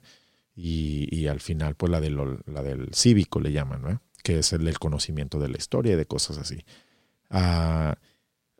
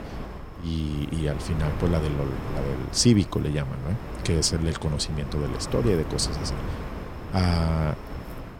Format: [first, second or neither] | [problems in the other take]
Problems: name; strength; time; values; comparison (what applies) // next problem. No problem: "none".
first | wind noise on the microphone; heavy; 9 dB below the speech